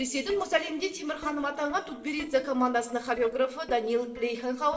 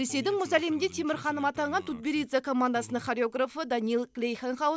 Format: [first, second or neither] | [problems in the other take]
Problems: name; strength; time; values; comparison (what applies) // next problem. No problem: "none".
second | noise reduction (neural separator model SepFormer DNS4)